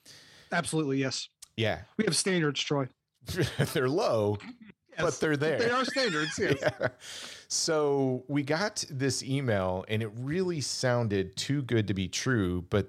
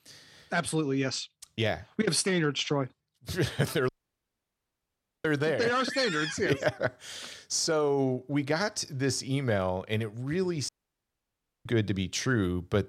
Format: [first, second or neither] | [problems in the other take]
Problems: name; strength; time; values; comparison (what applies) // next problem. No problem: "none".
first | audio cutting out; at 4 s for 1.5 s and at 11 s for 1 s